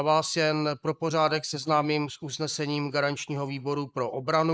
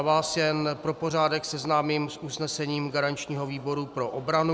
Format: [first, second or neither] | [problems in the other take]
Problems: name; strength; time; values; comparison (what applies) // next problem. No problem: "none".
second | noise reduction (neural mask model Resemble Enhance denoiser)